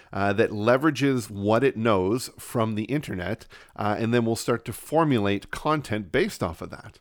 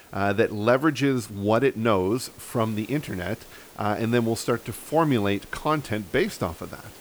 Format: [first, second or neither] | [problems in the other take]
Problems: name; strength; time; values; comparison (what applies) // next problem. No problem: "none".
first | hiss; faint; throughout; 20 dB below the speech